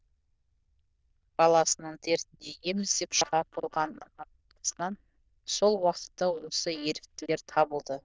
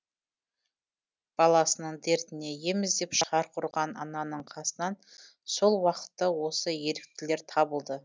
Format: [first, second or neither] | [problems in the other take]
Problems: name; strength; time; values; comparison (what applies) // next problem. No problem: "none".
second | noise reduction (neural diffusion model UNIVERSE++)